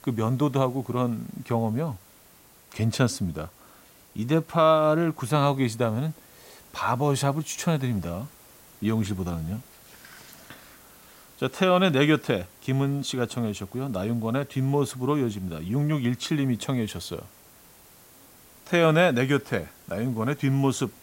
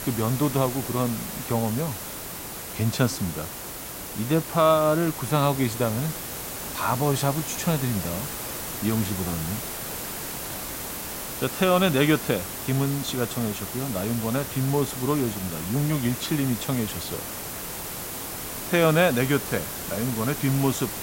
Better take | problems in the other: first | hiss; loud; throughout; 6 dB below the speech; faint in the first

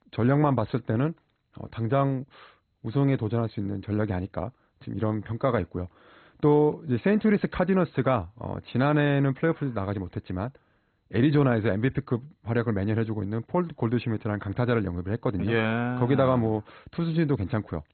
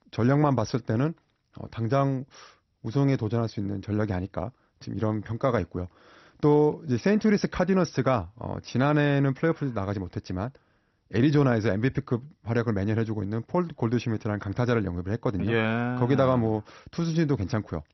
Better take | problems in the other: second | garbled, watery; badly; nothing above 4 kHz; slightly in the second

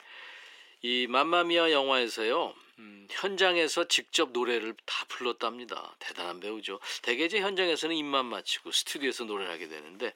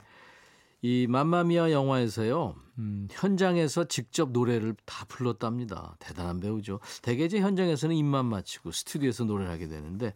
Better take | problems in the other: second | thin; very; fading below 350 Hz

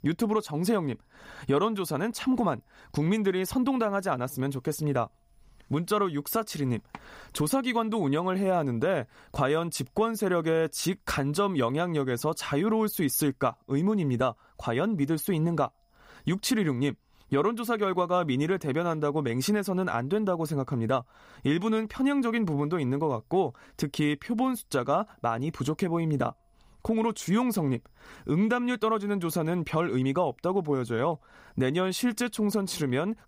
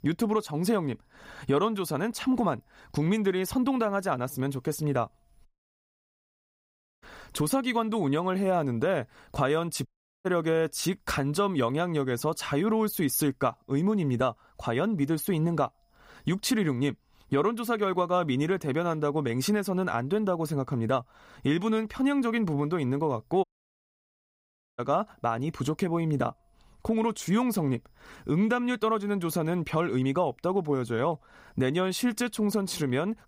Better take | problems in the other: first | audio cutting out; at 5.5 s for 1.5 s, at 10 s and at 23 s for 1.5 s

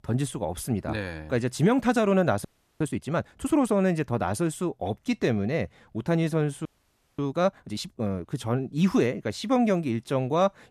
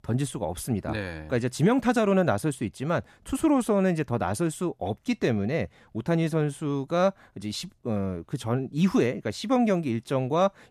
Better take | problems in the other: second | audio freezing; at 2.5 s and at 6.5 s for 0.5 s

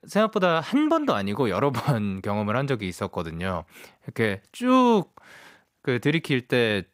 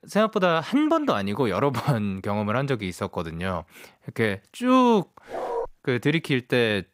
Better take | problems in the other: first | dog barking; noticeable; at 5.5 s; peak 6 dB below the speech

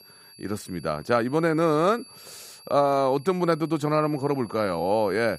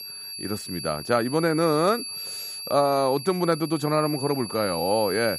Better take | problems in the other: first | high-pitched whine; loud; throughout; 4.5 kHz, 9 dB below the speech; faint in the first

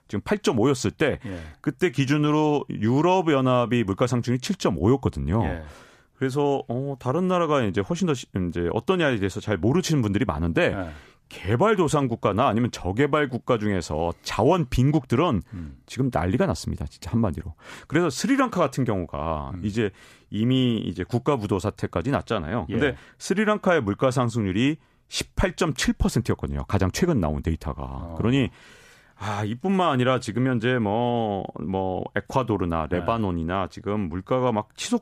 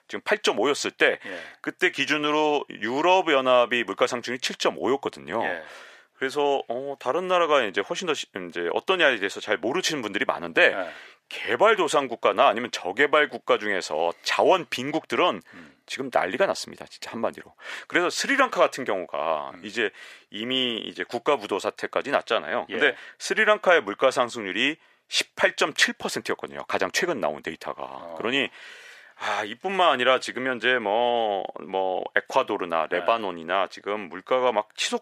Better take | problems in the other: first | thin; very; fading below 450 Hz

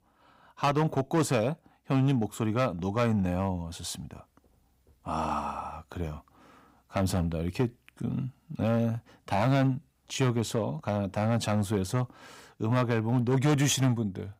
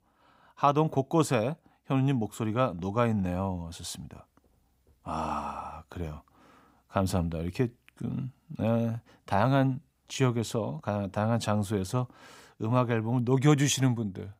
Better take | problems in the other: second | distortion; slight; 5% of the sound clipped

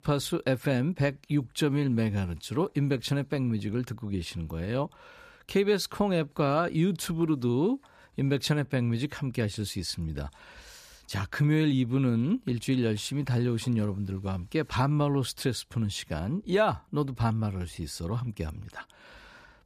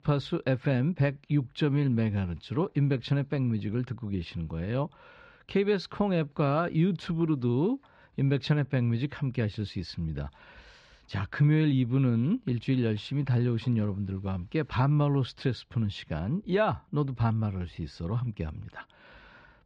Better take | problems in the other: first | muffled; very slightly; fading above 4 kHz

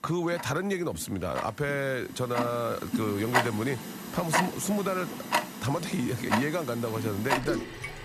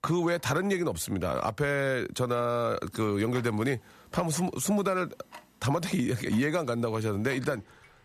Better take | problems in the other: second | household noises; loud; throughout; 2 dB below the speech; faint in the second

